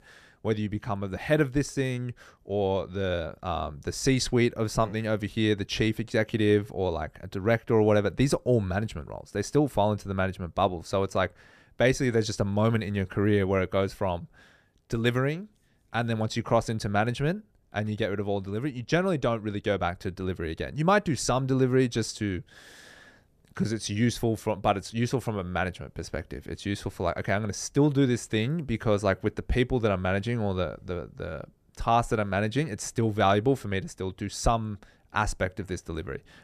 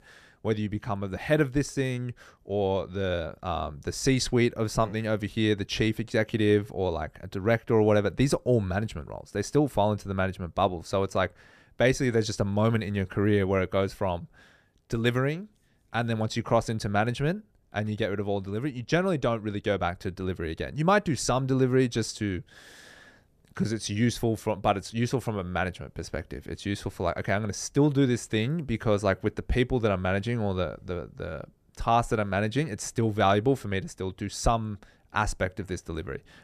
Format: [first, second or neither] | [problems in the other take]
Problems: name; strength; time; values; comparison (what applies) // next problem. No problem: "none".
neither | none